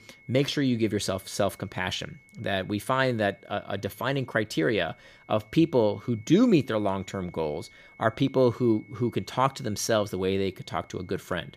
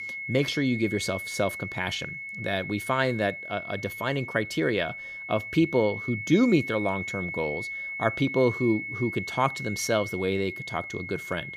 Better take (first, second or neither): first